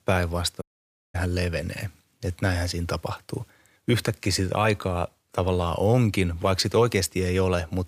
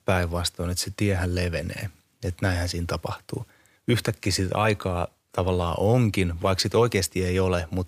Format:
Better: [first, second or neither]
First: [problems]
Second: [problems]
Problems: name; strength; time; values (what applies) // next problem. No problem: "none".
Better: second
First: audio cutting out; at 0.5 s for 0.5 s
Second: none